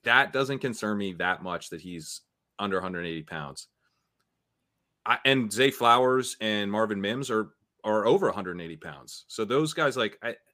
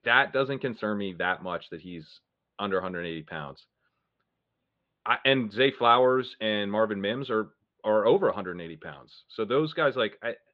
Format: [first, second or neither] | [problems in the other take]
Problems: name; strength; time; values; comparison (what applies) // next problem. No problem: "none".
first | muffled; slightly; fading above 3.5 kHz